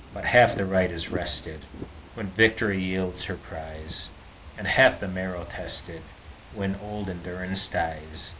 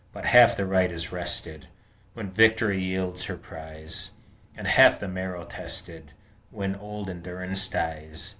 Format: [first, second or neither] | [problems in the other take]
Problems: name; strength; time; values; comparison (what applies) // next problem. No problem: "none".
second | background sound (Fireworks / Ocean); 15 dB below the speech